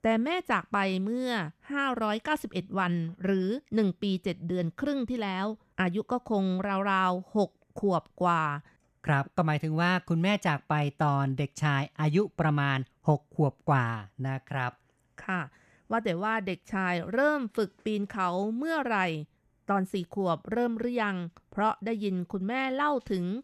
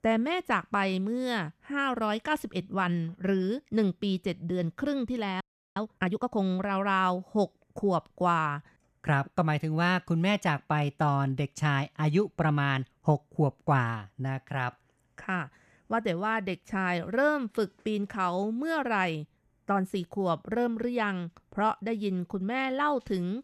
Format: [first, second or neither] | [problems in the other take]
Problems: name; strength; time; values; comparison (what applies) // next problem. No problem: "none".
first | audio freezing; at 5.5 s